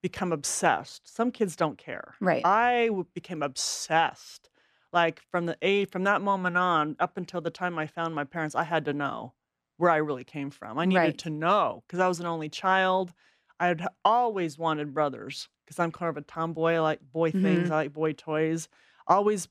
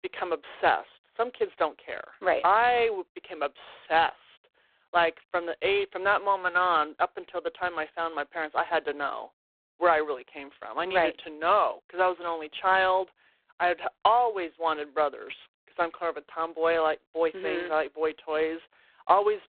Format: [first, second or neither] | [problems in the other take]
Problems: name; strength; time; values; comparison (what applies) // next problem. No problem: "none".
first | phone-call audio; poor line; nothing above 4 kHz